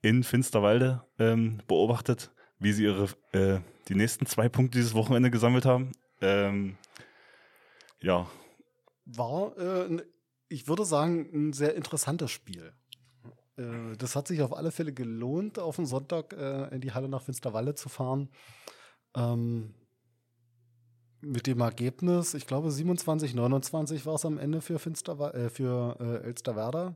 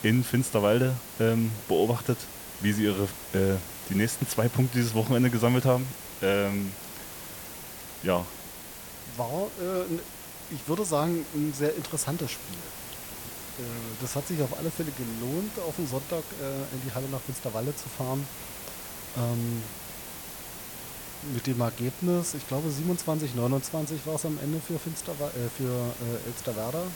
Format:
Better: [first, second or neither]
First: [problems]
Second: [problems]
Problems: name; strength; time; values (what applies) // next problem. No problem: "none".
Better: first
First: none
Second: hiss; loud; throughout; 10 dB below the speech